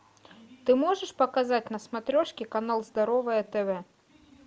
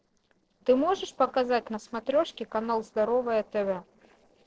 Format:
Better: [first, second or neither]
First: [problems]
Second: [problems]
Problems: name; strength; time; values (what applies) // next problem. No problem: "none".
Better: first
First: none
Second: noise reduction (neural separator model SepFormer DNS4)